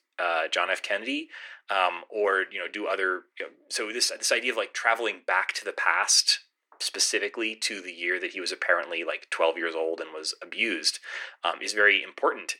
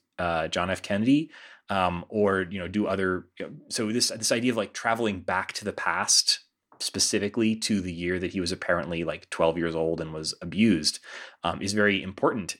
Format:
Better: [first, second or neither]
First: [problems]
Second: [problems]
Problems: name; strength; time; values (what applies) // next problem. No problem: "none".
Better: second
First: thin; very; fading below 350 Hz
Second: none